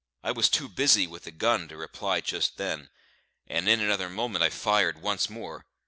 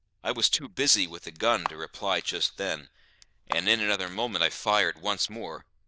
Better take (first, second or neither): first